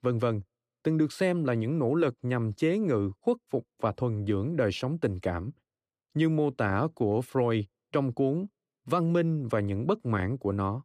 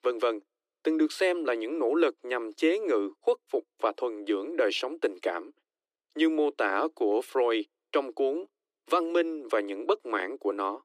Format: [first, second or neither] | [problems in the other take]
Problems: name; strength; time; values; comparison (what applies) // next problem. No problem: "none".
first | thin; very; fading below 300 Hz